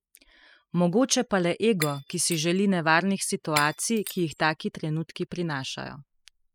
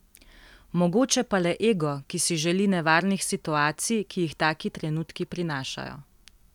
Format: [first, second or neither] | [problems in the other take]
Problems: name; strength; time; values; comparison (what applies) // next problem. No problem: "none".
second | noise reduction (classical method spectral subtraction)